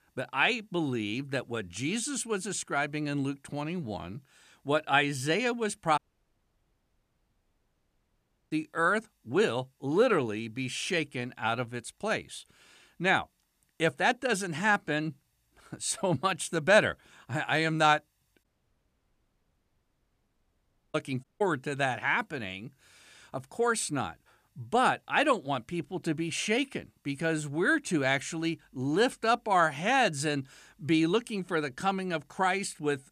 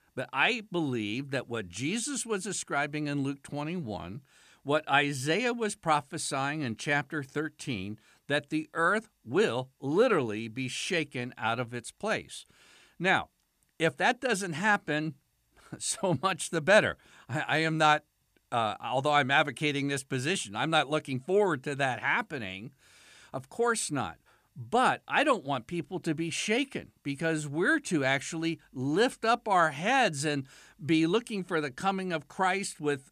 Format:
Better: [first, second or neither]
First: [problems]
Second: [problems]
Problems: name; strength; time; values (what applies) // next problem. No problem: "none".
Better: second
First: audio cutting out; at 6 s for 2.5 s, at 18 s for 2.5 s and at 21 s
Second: none